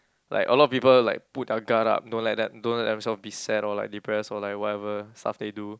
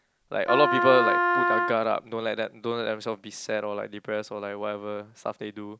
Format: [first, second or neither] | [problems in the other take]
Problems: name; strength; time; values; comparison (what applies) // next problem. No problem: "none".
first | background sound (Wind instrument, woodwind instrument); 3 dB above the speech